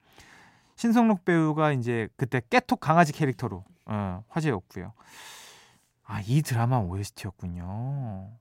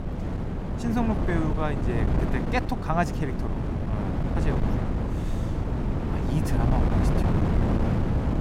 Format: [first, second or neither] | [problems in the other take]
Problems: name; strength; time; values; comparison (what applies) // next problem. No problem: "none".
first | wind noise on the microphone; heavy; 1 dB below the speech